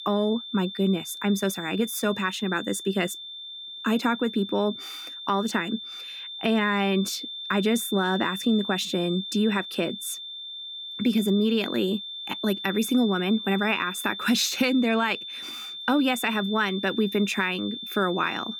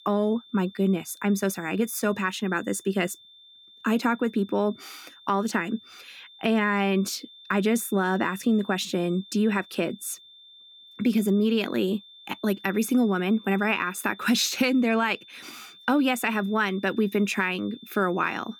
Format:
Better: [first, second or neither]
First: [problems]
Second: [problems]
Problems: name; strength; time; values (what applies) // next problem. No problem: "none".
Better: second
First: high-pitched whine; loud; throughout; 3.5 kHz, 9 dB below the speech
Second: high-pitched whine; faint; throughout; 3.5 kHz, 20 dB below the speech